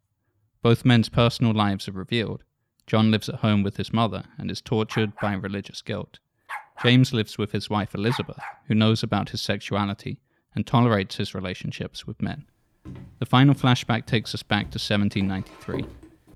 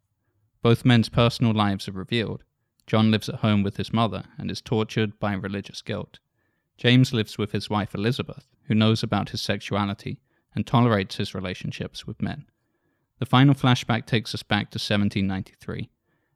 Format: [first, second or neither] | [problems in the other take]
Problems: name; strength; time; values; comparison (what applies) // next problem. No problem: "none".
second | dog barking; faint; from 5 to 8.5 s; peak 10 dB below the speech // footsteps; faint; from 13 s on; peak 10 dB below the speech